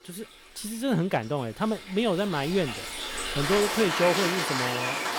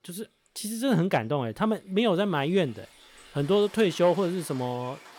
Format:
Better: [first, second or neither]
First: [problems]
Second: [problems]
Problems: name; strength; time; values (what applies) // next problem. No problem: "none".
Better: second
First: rain or running water; loud; throughout; 1 dB below the speech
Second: rain or running water; faint; throughout; 20 dB below the speech